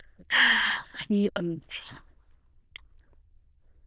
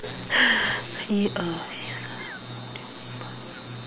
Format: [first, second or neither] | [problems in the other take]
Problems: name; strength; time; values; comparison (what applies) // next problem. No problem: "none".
second | noise reduction (neural diffusion model UNIVERSE++)